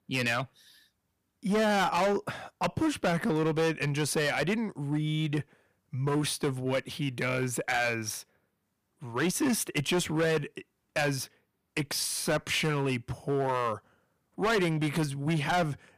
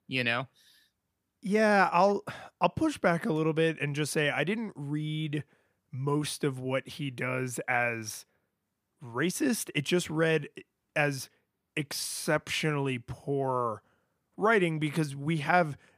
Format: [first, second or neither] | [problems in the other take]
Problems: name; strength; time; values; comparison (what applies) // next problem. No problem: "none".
second | distortion; heavy; 10% of the sound clipped